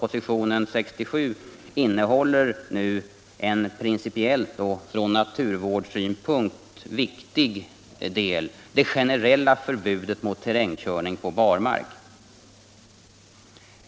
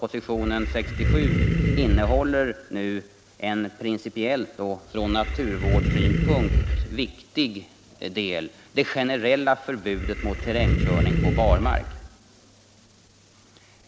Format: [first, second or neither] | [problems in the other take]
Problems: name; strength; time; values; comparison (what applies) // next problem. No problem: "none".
first | background sound (Animal); 4 dB above the speech